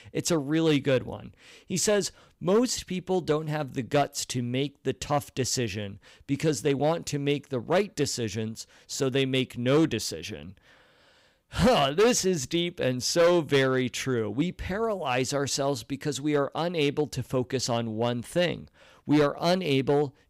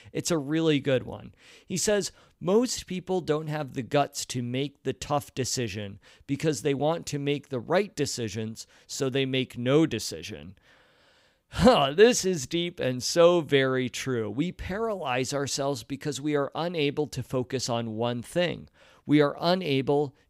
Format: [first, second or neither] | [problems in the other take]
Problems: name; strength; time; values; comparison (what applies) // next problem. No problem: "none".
second | distortion; slight; 3% of the sound clipped